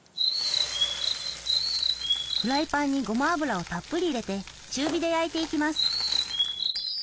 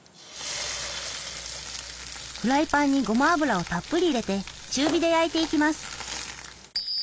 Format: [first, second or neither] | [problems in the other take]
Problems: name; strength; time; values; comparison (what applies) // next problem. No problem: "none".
second | background sound (Chirp, tweet); 2 dB above the speech